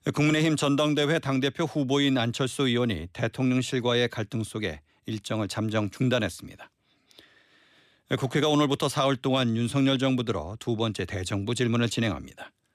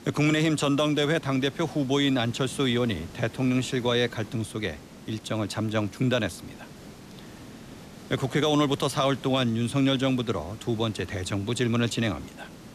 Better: first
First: none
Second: hiss; noticeable; throughout; 20 dB below the speech

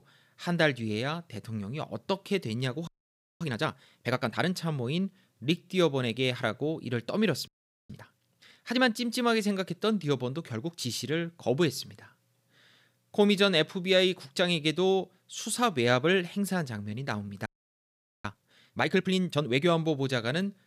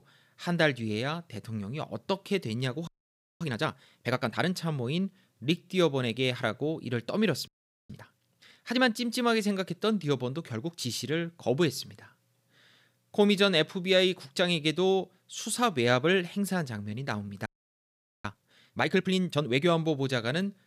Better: neither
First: audio freezing; at 3 s for 0.5 s, at 7.5 s and at 17 s for 1 s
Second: audio freezing; at 3 s for 0.5 s, at 7.5 s and at 17 s for 1 s

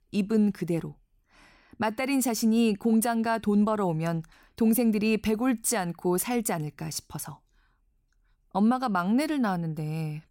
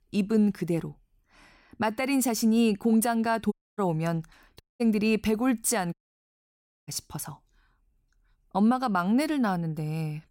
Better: first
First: none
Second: audio cutting out; at 3.5 s, at 4.5 s and at 6 s for 1 s

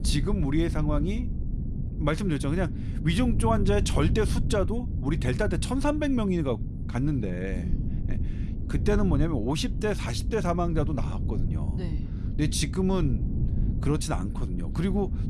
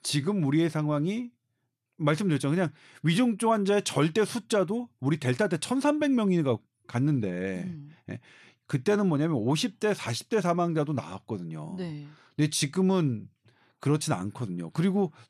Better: second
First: wind noise on the microphone; occasional gusts; 10 dB below the speech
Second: none

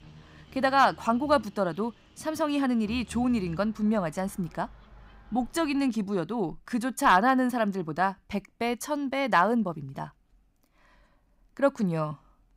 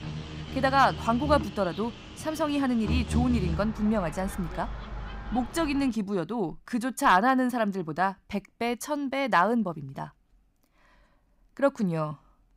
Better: first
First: animal sounds; faint; until 6 s; 25 dB below the speech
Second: animal sounds; loud; until 6 s; 9 dB below the speech

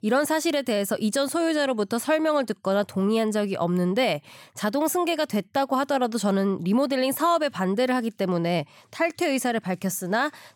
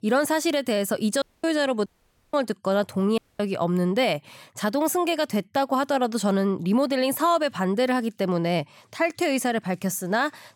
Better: first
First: none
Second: audio cutting out; at 1 s, at 2 s and at 3 s

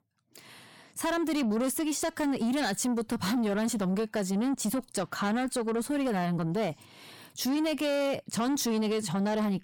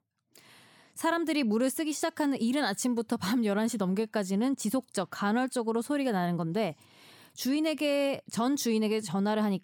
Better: second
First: distortion; slight; 10 dB below the speech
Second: none

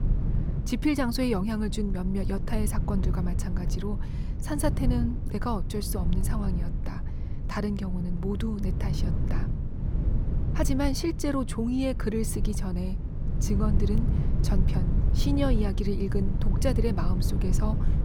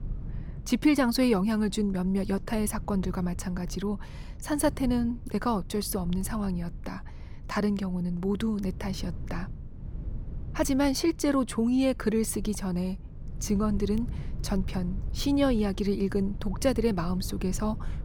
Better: second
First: low rumble; loud; throughout; 9 dB below the speech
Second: low rumble; faint; throughout; 20 dB below the speech

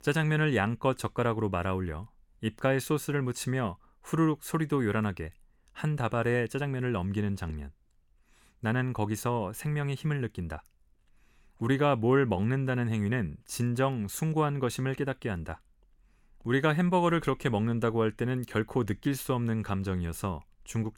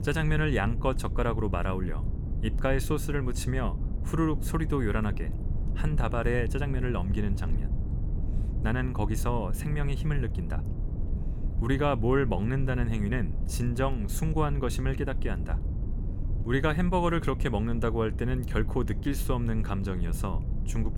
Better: first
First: none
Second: low rumble; noticeable; throughout; 15 dB below the speech

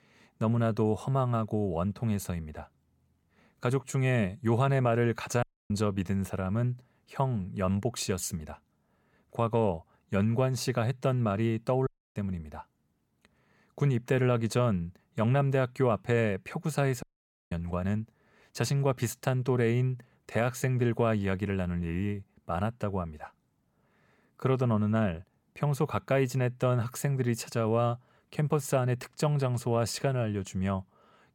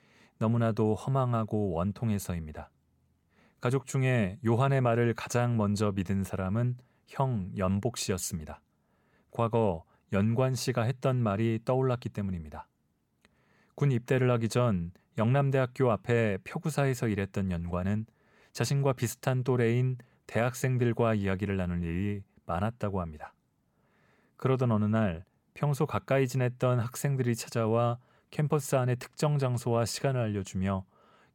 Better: second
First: audio cutting out; at 5.5 s, at 12 s and at 17 s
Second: none

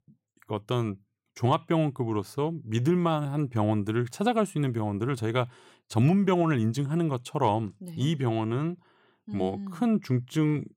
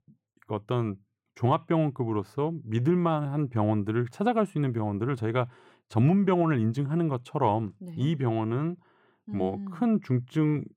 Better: first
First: none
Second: muffled; slightly; fading above 3 kHz

